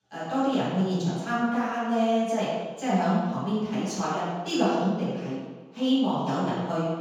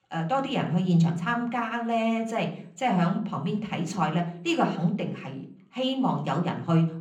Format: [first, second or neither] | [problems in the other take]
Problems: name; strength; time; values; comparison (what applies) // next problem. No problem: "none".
second | room echo; strong; dies away in 1.2 s; slight in the second // off-mic speech; far; somewhat distant in the second